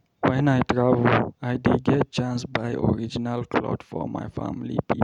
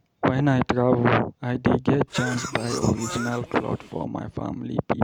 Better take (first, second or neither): first